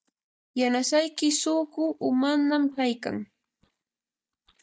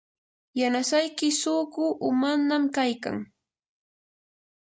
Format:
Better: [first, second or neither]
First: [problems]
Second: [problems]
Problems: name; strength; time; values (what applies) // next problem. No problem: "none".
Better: second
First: noise reduction (neural mask model DeepFilterNet 3)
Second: none